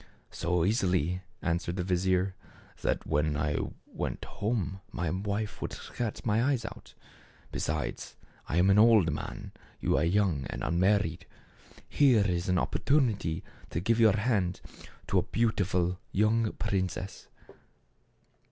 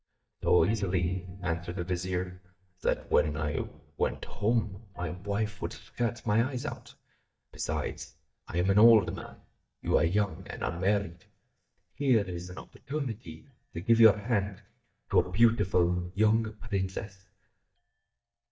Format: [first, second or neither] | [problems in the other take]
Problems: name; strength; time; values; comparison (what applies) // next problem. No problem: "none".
first | noise reduction (neural mask model DeepFilterNet 3)